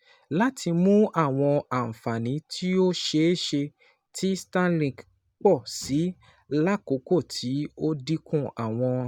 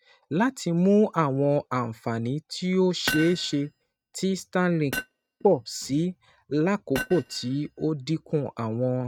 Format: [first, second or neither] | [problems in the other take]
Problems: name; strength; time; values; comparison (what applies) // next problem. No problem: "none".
first | noise reduction (neural mask model RNNoise)